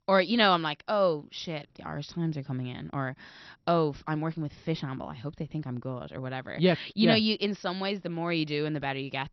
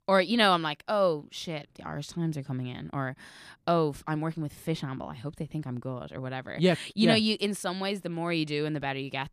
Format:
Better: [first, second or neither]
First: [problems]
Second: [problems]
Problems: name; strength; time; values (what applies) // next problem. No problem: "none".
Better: second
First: garbled, watery; slightly; nothing above 5 kHz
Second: none